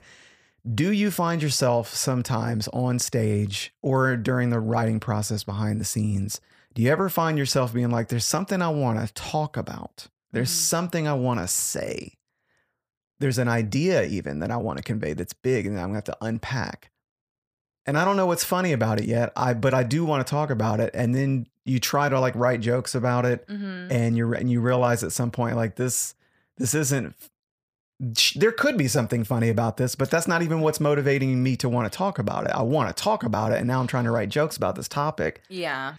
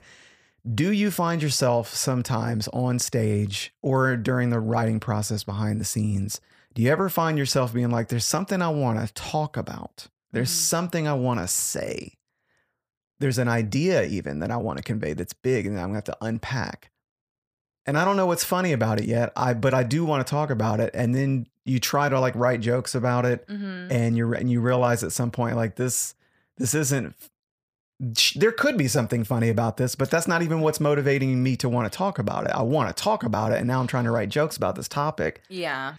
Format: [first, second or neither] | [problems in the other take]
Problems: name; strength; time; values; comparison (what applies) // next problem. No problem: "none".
neither | none